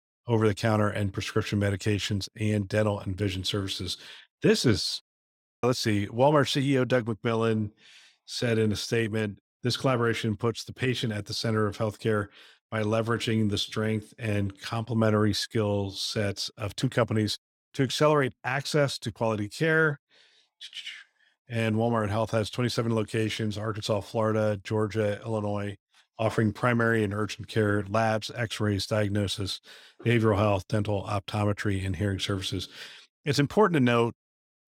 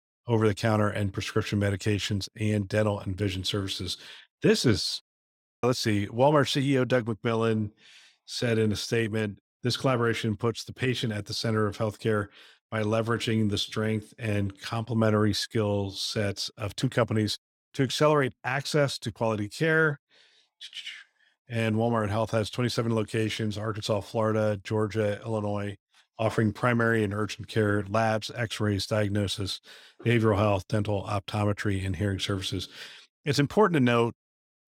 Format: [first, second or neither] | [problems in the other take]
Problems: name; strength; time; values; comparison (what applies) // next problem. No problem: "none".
neither | none